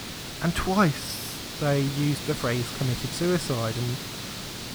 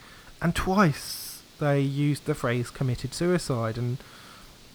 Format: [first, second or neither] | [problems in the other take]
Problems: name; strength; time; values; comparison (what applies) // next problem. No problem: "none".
second | hiss; loud; throughout; 6 dB below the speech; faint in the second